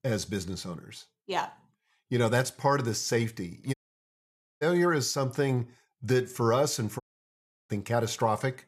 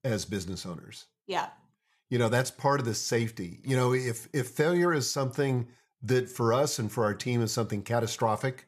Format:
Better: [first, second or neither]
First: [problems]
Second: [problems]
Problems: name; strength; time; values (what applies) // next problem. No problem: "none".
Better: second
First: audio cutting out; at 3.5 s for 1 s and at 7 s for 0.5 s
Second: none